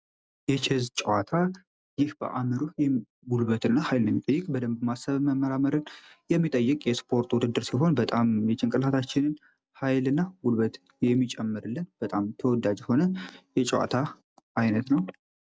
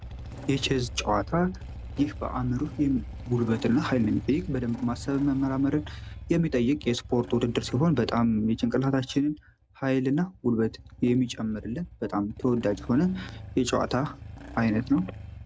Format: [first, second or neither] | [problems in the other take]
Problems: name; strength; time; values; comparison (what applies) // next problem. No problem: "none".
first | background sound (Engine starting / Motorcycle); 14 dB below the speech